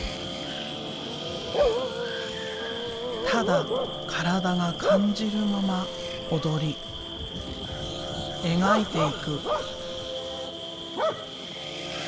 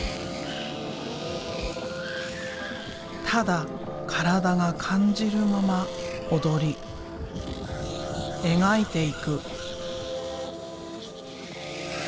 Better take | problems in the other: second | background sound (Bark / Cricket); 2 dB below the speech

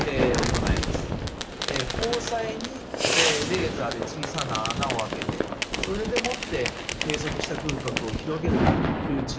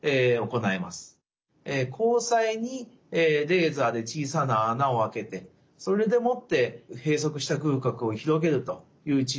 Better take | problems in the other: second | background sound (Fireworks); 4 dB above the speech

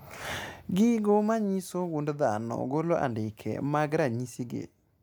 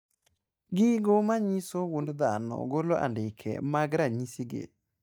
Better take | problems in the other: first | noise reduction (neural mask model DeepFilterNet 3)

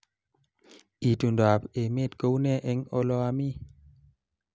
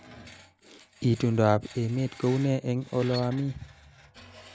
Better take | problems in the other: first | background sound (Screech); 20 dB below the speech

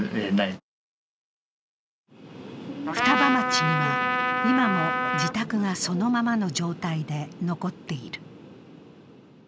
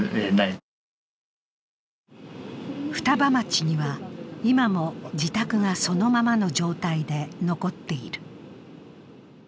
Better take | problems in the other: second | background sound (Trumpet); 3 dB above the speech

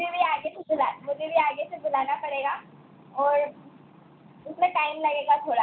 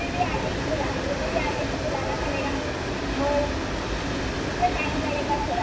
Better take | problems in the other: first | background sound (Train); 3 dB above the speech // room echo; dies away in 2.9 s

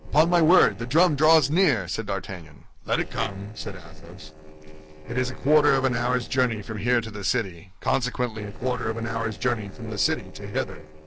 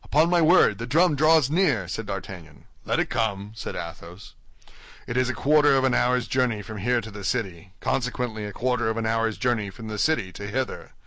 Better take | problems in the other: second | noise reduction (neural separator model SepFormer DNS4)

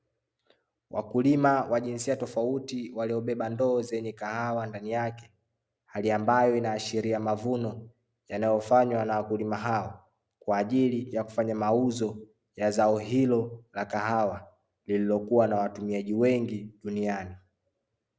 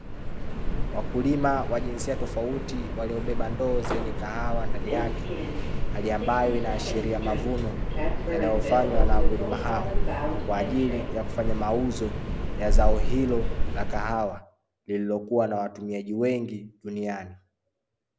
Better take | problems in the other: first | background sound (Subway, metro, underground); 3 dB above the speech

